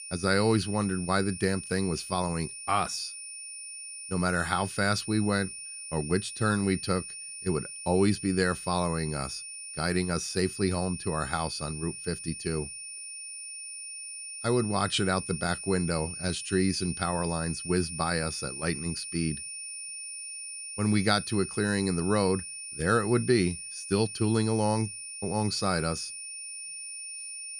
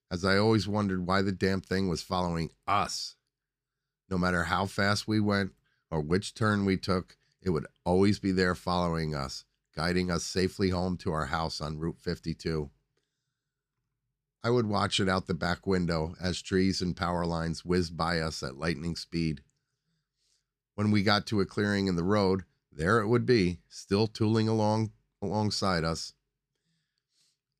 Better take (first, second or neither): second